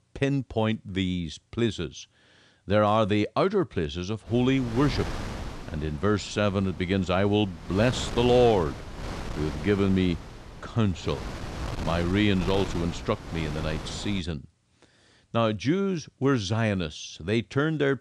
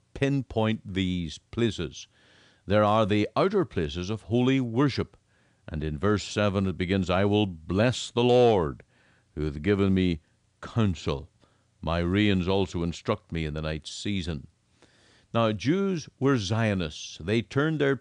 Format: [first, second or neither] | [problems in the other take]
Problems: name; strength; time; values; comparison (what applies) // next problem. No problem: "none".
second | wind noise on the microphone; occasional gusts; from 4.5 to 14 s; 10 dB below the speech